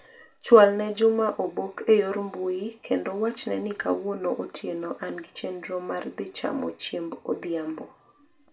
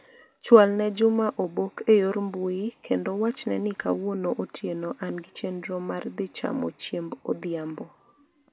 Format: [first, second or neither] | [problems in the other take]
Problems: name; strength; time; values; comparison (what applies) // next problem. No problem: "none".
second | room echo; dies away in 0.2 s